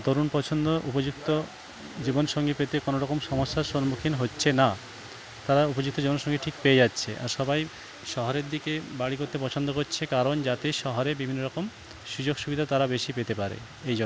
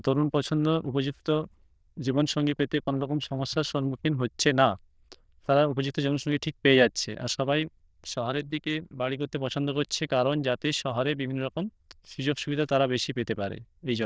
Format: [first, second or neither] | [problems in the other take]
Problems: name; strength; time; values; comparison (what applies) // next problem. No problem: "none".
first | noise reduction (neural diffusion model UNIVERSE++)